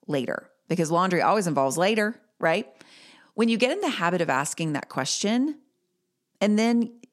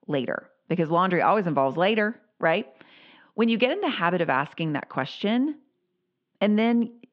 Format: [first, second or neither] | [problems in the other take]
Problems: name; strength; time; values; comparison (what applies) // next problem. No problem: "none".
first | muffled; very; fading above 3.5 kHz